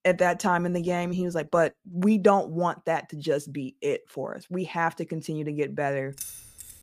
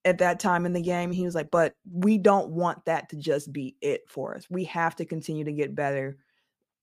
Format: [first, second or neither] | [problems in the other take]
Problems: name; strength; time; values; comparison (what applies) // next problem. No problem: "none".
second | jangling keys; faint; at 6 s; peak 10 dB below the speech